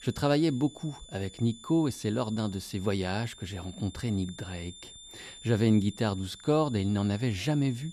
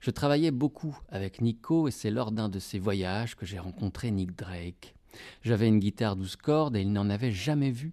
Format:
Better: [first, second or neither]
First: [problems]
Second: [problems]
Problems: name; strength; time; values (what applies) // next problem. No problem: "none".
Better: second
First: high-pitched whine; noticeable; throughout; 3.5 kHz, 20 dB below the speech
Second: none